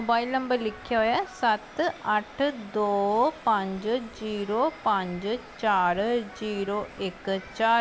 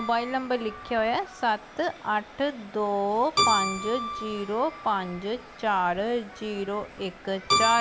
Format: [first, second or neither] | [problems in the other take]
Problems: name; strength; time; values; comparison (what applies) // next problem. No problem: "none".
first | background sound (Keyboard (musical)); 5 dB below the speech